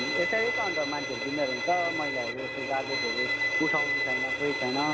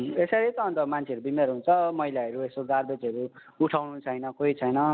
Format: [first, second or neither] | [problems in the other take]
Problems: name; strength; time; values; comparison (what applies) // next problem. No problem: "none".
second | background sound (Bowed string instrument); 2 dB above the speech